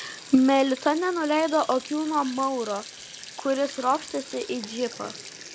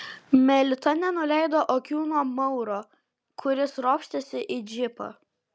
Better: second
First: background sound (Sink (filling or washing)); 16 dB below the speech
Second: none

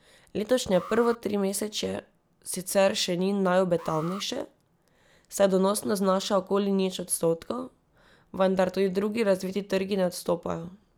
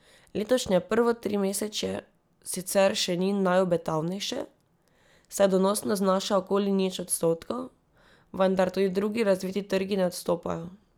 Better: second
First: background sound (Alarm); 19 dB below the speech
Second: none

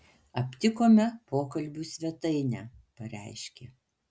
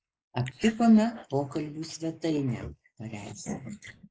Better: first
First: none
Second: noise reduction (neural mask model Resemble Enhance denoiser)

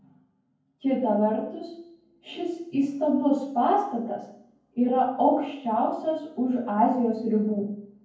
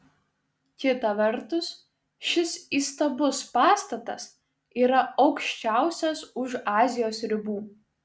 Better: second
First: room echo; dies away in 0.9 s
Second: none

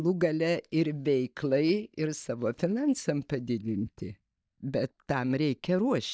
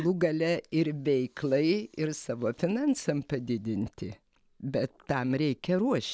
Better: second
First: noise reduction (neural mask model DeepFilterNet 3)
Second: none

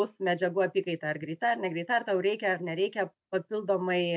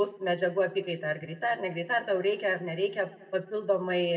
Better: first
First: none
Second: room echo; dies away in 0.9 s

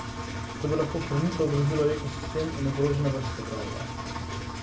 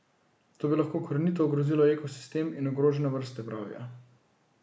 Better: second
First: background sound (Engine); 5 dB below the speech // room echo; dies away in 0.2 s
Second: none

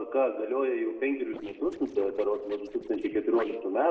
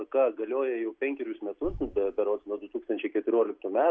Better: second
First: noise reduction (neural separator model SepFormer DNS4)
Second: none

